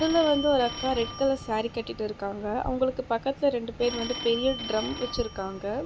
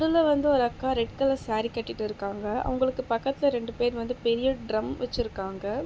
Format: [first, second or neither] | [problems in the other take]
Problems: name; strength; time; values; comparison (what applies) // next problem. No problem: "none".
second | background sound (Telephone); 12 dB below the speech